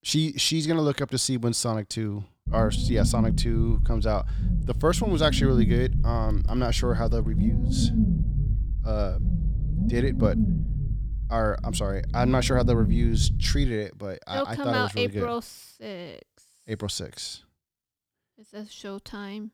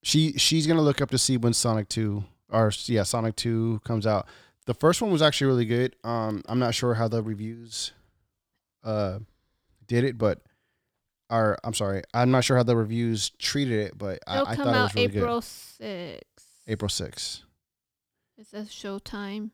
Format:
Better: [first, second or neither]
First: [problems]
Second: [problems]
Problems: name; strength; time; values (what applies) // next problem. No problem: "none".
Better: second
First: low rumble; loud; from 2.5 to 14 s; 9 dB below the speech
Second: none